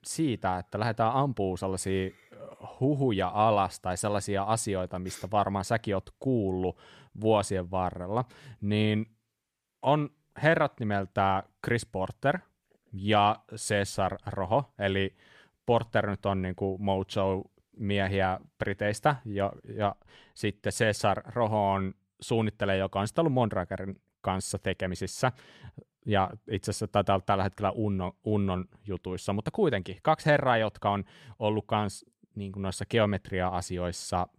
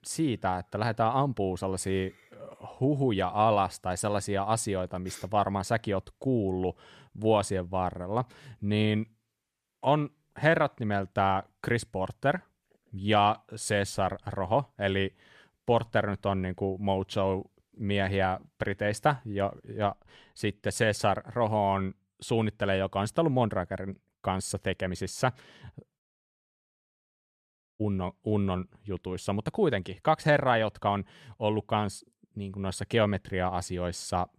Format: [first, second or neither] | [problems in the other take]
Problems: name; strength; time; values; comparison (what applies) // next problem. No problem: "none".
first | audio cutting out; at 26 s for 2 s